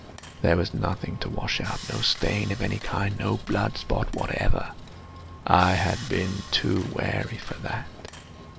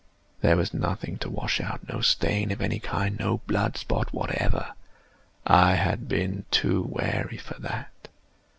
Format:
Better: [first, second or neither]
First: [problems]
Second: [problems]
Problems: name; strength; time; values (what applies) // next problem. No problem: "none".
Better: second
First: background sound (Sawing); 15 dB below the speech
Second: none